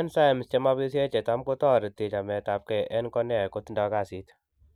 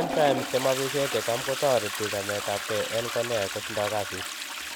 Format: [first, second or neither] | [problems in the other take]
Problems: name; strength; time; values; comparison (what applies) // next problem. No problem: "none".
first | background sound (Toilet flush); 4 dB below the speech